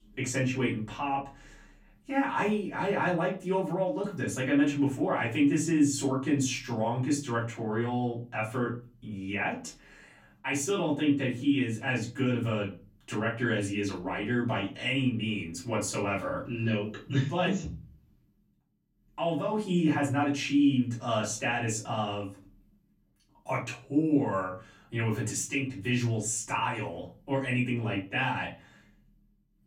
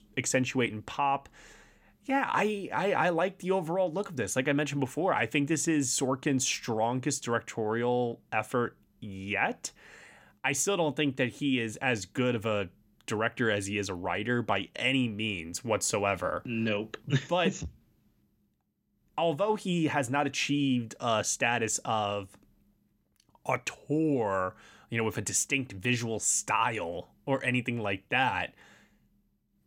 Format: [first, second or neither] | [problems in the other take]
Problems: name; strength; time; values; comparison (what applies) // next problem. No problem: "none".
second | off-mic speech; far // room echo; slight; dies away in 0.4 s